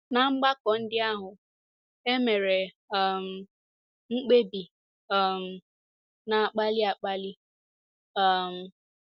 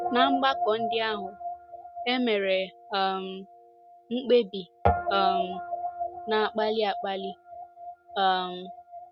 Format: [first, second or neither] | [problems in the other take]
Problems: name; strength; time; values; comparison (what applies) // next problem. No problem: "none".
first | background sound (Guitar); 4 dB below the speech